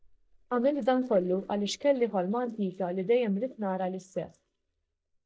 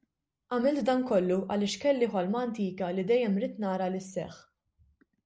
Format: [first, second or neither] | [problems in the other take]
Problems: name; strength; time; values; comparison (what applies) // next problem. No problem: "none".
second | noise reduction (neural mask model DeepFilterNet 3)